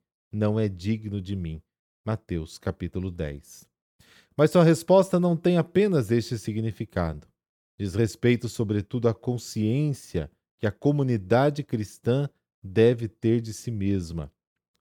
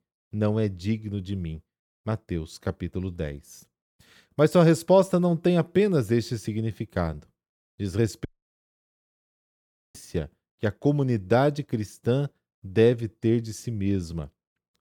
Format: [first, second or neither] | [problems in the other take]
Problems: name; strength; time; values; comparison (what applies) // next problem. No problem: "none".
first | audio cutting out; at 8.5 s for 1.5 s